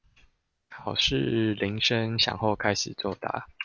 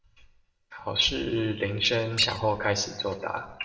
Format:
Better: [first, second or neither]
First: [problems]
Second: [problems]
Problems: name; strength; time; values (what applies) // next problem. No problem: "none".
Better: first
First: none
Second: background sound (Squeak); 11 dB below the speech // room echo; dies away in 0.8 s